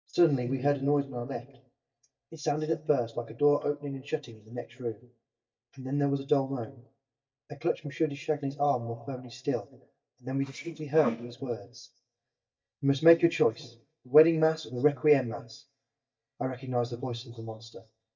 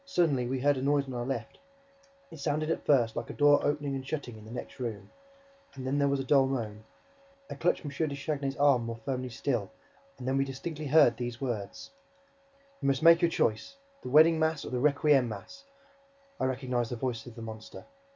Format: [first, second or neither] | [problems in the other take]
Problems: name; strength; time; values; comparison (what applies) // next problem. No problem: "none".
second | noise reduction (neural mask model DeepFilterNet 3)